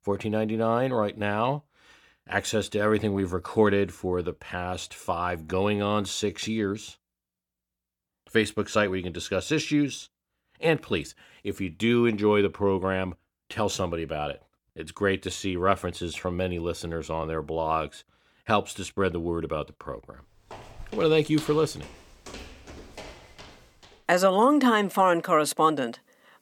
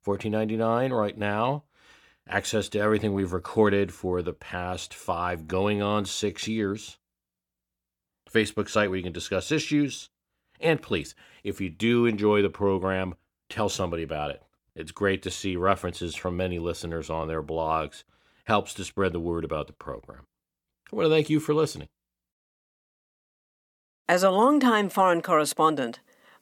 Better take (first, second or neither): second